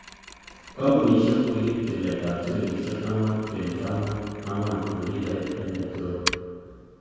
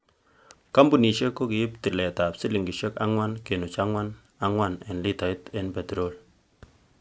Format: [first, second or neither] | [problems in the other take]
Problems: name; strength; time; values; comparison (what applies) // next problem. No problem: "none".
second | background sound (Mechanisms); 14 dB below the speech // room echo; dies away in 2 s